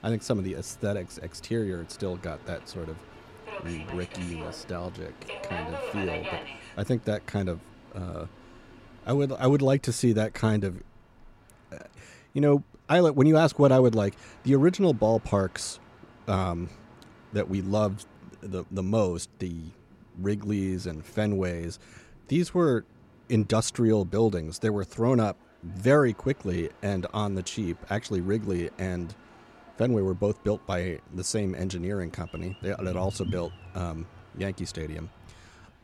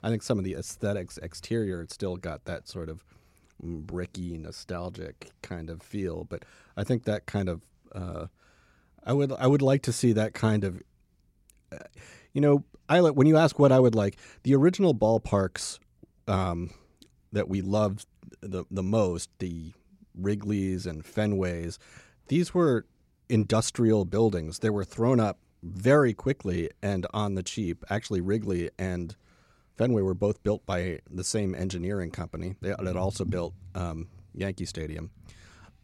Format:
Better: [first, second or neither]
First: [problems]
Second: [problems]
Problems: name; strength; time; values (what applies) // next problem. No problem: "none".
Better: second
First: train or aircraft noise; noticeable; throughout; 20 dB below the speech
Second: none